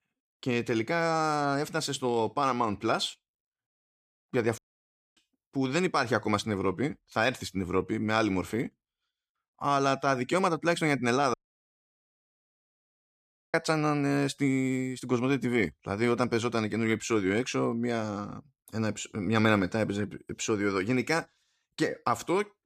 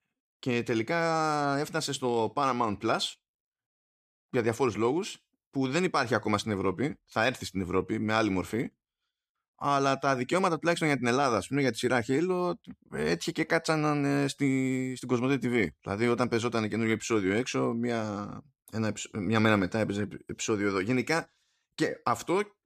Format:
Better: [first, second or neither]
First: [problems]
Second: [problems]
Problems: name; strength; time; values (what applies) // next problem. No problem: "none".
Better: second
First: audio cutting out; at 4.5 s for 0.5 s and at 11 s for 2 s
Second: none